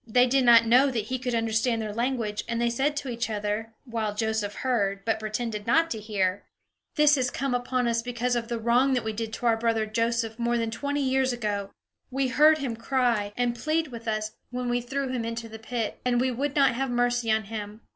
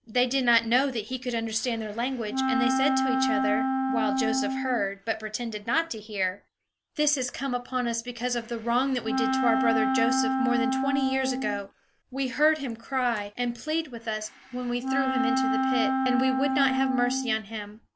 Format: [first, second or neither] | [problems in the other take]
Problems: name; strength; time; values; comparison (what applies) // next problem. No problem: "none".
first | background sound (Wind instrument, woodwind instrument); 1 dB above the speech